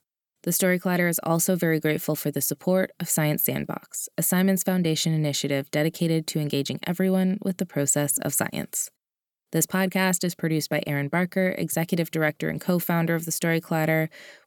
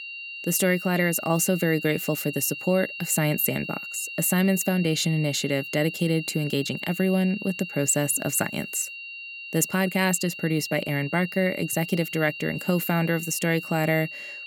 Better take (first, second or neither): first